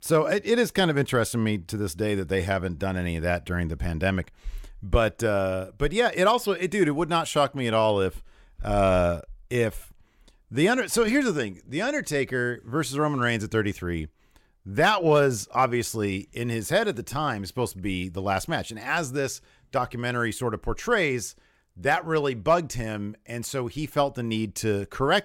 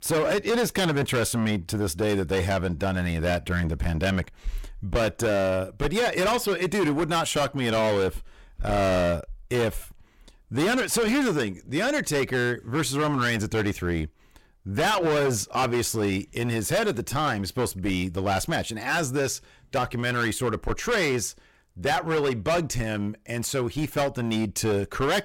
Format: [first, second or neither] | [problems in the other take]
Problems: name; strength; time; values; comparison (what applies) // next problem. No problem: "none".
first | distortion; heavy; 18% of the sound clipped